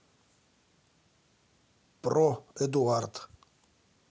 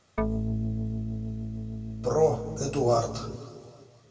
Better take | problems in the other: first | background sound (Organ); 1 dB below the speech // room echo; dies away in 2.4 s

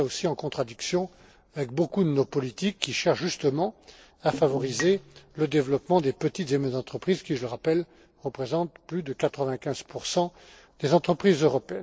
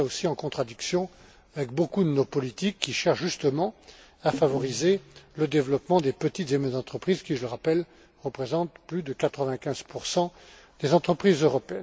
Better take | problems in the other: second | noise reduction (neural separator model SepFormer DNS4)

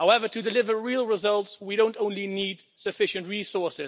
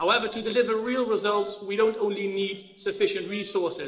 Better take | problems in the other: first | noise reduction (neural separator model SepFormer DNS4)

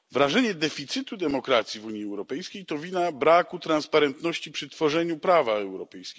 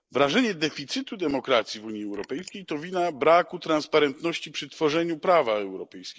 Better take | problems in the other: first | noise reduction (neural mask model Resemble Enhance denoiser)

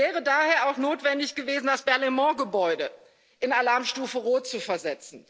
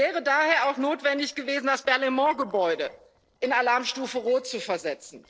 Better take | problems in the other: first | noise reduction (neural separator model SepFormer DNS4)

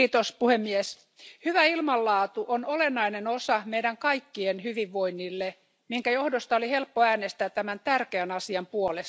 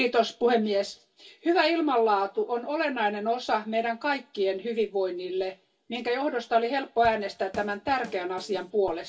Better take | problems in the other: first | background sound (Drum / Drum kit); 19 dB below the speech // room echo; dies away in 0.1 s

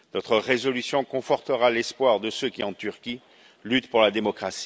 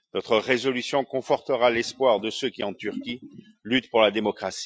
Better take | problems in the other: first | noise reduction (classical method Wiener filter)

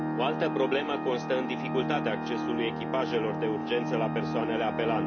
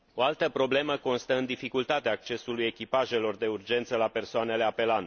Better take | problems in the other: second | background sound (Organ); 1 dB below the speech // room echo; dies away in 0.3 s

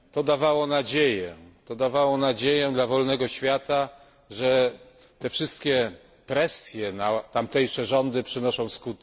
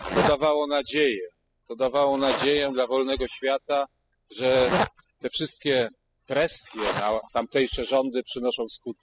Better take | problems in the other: first | noise reduction (classical method spectral subtraction)

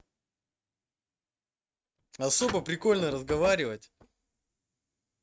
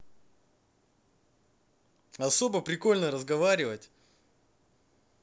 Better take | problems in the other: second | noise reduction (neural mask model RNNoise)

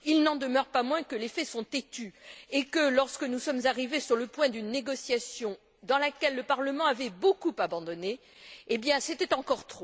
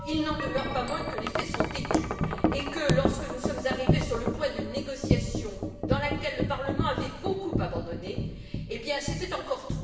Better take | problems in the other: first | background sound (Wind chime); 3 dB above the speech // room echo; dies away in 1 s

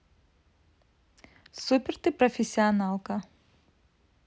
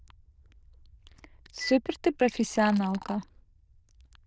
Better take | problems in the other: first | noise reduction (neural diffusion model UNIVERSE++)

